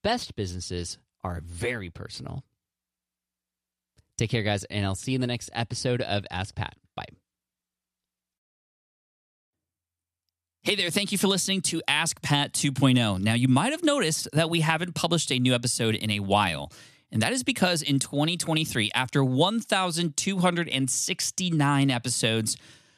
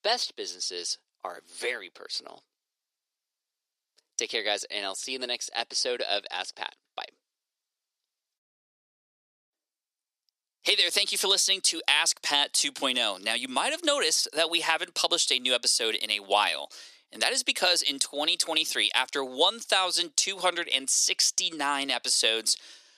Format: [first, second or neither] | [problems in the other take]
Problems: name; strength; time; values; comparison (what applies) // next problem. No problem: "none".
first | thin; very; fading below 400 Hz